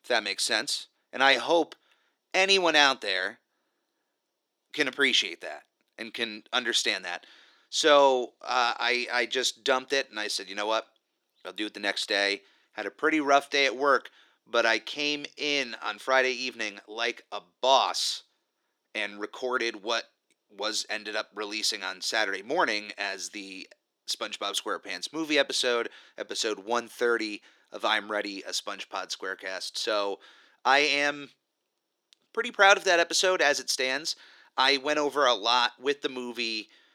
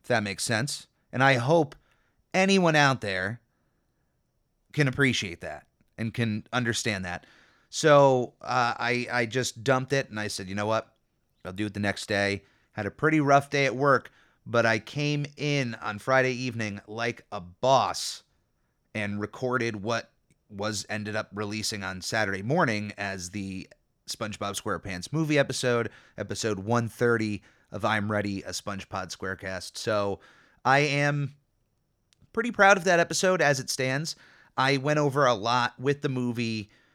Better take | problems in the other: second | thin; somewhat; fading below 300 Hz

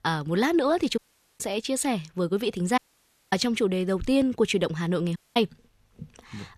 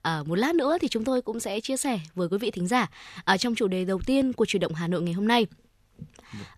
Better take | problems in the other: second | audio cutting out; at 1 s, at 3 s for 0.5 s and at 5 s

